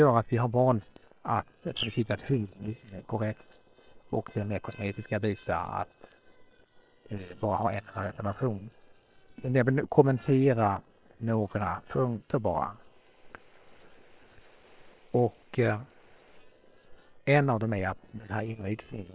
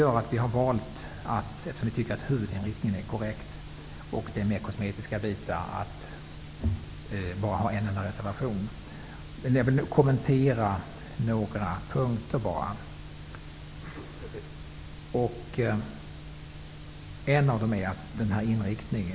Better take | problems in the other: second | noise reduction (neural separator model SepFormer WHAM!)

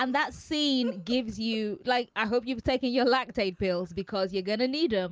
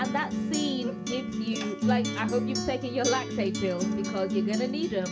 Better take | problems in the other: first | background sound (Acoustic guitar); as loud as the speech // room echo; dies away in 0.2 s

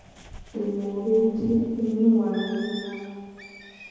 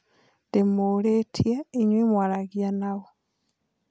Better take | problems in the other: second | background sound (Bird); 19 dB below the speech // room echo; dies away in 2.2 s

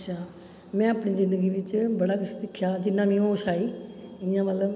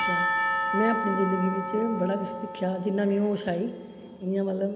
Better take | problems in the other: first | background sound (Church bell / Percussion); 3 dB below the speech

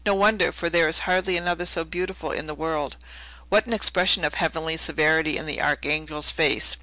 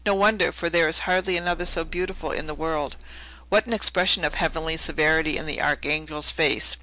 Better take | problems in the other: first | background sound (Bus / Engine); 13 dB below the speech

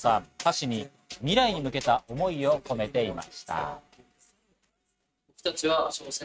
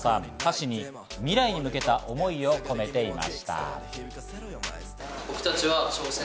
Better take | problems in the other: second | noise reduction (neural mask model RNNoise)

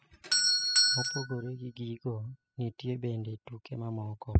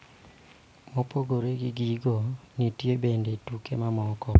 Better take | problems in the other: second | noise reduction (classical method spectral subtraction)

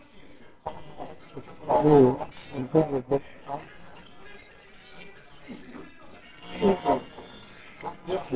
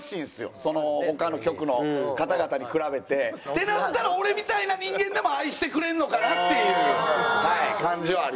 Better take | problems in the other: second | noise reduction (neural separator model SepFormer WHAMR!)

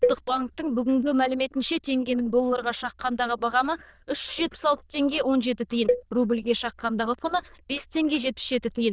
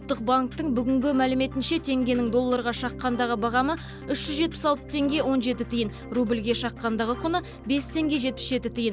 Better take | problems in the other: second | noise reduction (neural diffusion model UNIVERSE++)

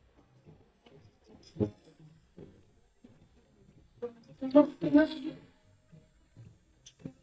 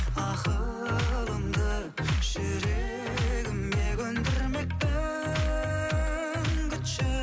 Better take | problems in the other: second | noise reduction (neural mask model DeepFilterNet 3)

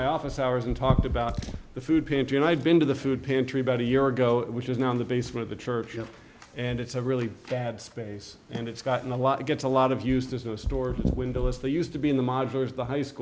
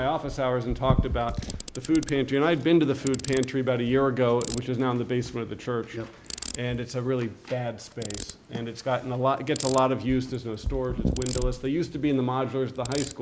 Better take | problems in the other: first | background sound (Ratchet, pawl); 17 dB below the speech

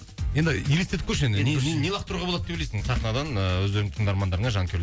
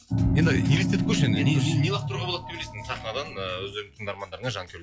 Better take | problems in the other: first | noise reduction (classical method log-MMSE)

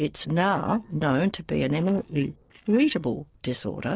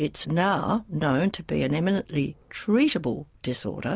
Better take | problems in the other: second | noise reduction (neural separator model SepFormer DNS4)

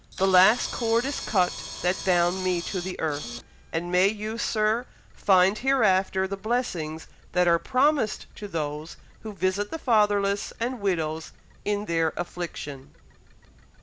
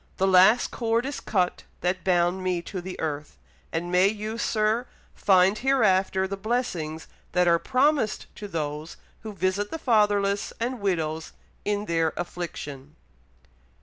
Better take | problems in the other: second | background sound (Camera); 16 dB below the speech

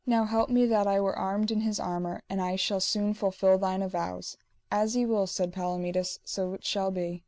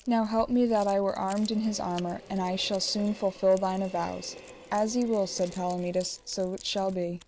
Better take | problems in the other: first | background sound (Train + Keys jangling); 19 dB below the speech

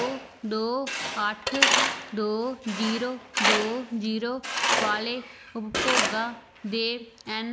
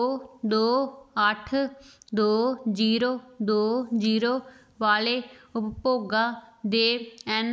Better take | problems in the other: second | background sound (Tools); 1 dB above the speech

